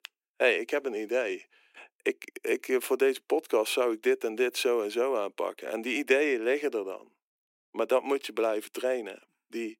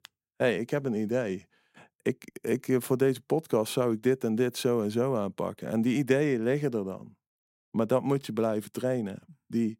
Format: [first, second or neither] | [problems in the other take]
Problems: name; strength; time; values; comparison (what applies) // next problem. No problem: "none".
second | thin; somewhat; fading below 300 Hz